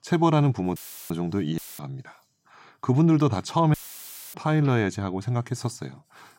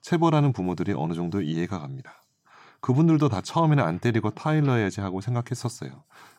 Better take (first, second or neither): second